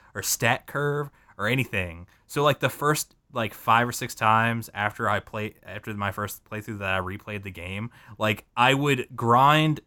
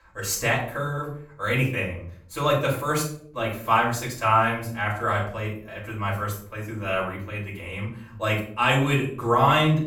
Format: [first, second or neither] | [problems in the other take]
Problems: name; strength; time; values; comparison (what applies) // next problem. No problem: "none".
first | off-mic speech; far // room echo; slight; dies away in 0.5 s